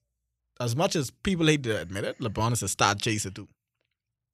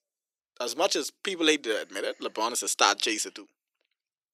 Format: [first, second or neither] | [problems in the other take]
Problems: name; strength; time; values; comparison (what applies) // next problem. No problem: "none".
first | thin; very; fading below 300 Hz